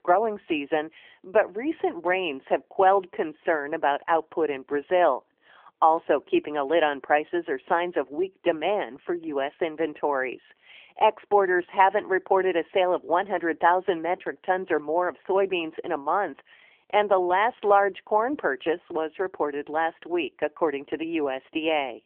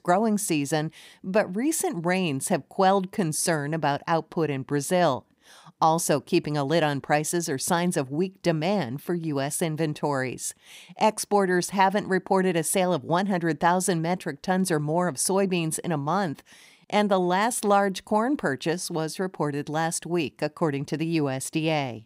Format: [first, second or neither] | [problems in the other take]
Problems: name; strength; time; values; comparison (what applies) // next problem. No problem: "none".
second | phone-call audio; nothing above 3 kHz